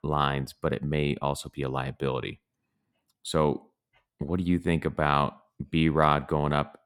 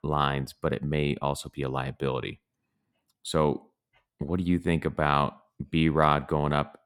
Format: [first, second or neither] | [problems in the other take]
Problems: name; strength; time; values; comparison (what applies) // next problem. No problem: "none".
neither | none